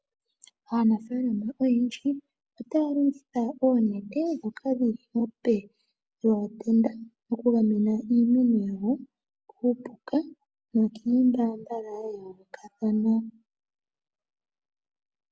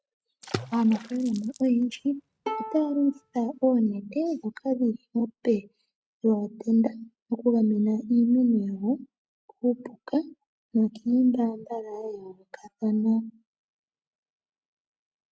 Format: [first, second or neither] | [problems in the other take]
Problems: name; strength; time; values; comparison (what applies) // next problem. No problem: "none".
first | noise reduction (neural mask model RNNoise)